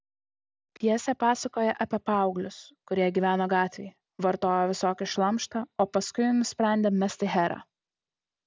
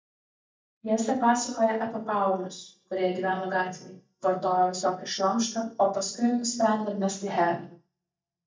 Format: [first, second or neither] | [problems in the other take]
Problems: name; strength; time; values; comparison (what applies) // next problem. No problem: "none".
first | noise reduction (neural mask model DeepFilterNet 3)